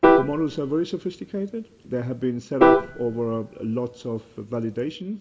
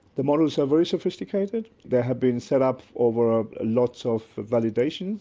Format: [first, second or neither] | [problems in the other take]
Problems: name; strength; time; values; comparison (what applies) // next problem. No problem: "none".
second | background sound (Piano); 3 dB above the speech // room echo; dies away in 0.7 s